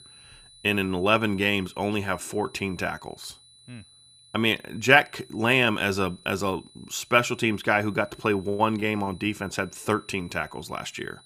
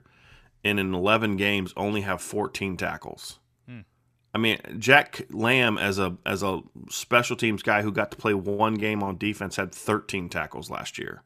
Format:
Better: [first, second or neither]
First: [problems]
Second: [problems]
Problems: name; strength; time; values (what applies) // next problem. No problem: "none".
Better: second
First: high-pitched whine; faint; throughout; 4 kHz, 25 dB below the speech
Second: none